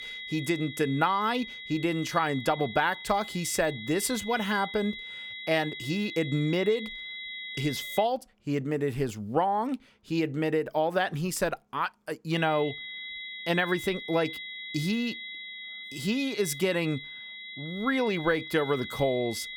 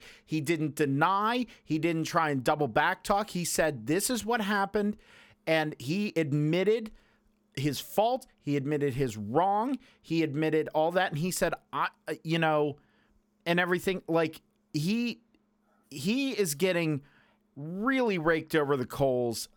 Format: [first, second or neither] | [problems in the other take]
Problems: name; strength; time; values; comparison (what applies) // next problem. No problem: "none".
second | high-pitched whine; loud; until 8 s and from 12 s on; 2 kHz, 9 dB below the speech